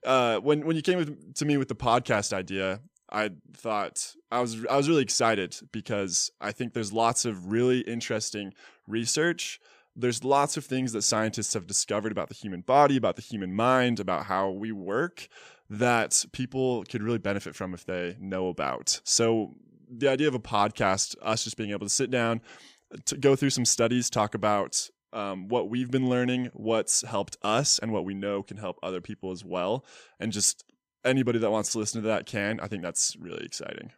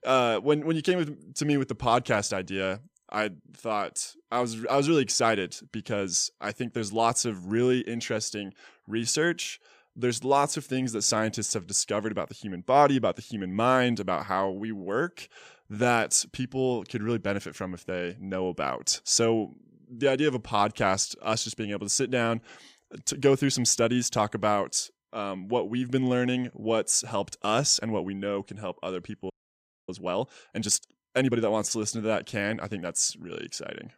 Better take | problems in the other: first | audio freezing; at 29 s for 0.5 s

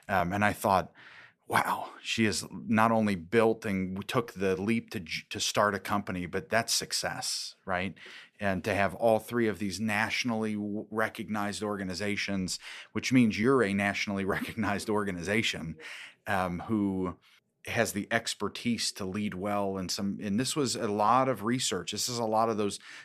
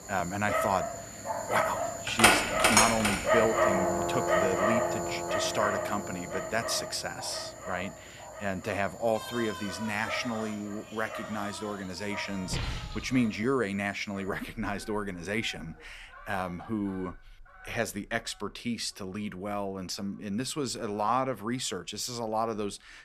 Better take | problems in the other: first | animal sounds; very loud; throughout; 3 dB above the speech

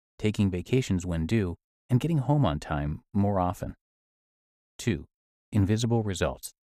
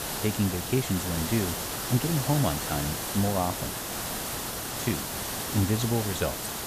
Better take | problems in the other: first | hiss; loud; throughout; 2 dB below the speech

